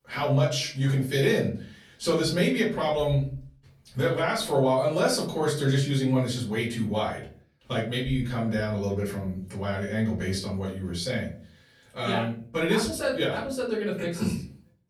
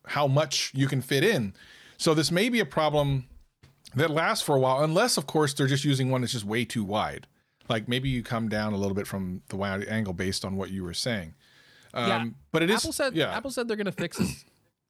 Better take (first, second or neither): second